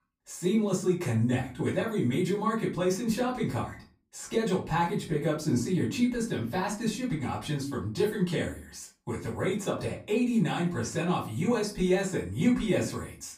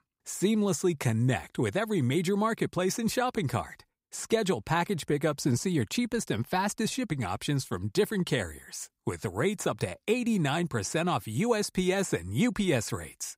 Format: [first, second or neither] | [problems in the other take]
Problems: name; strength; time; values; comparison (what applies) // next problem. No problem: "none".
second | room echo; slight; dies away in 0.4 s // off-mic speech; far